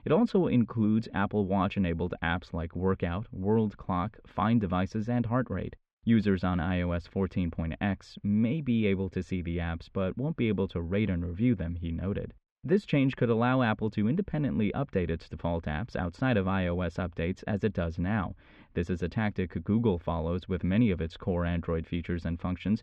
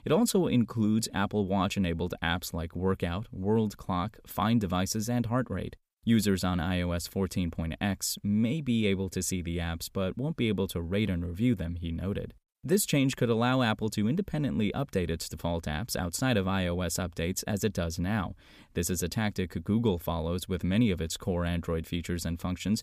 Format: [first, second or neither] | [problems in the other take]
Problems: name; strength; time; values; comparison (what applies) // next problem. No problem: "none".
second | muffled; very; fading above 2.5 kHz